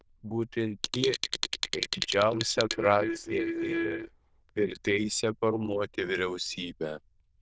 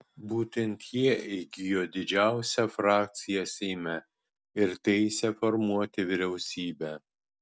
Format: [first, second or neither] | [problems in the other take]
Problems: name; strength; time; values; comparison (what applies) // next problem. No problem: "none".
second | noise reduction (neural diffusion model UNIVERSE++)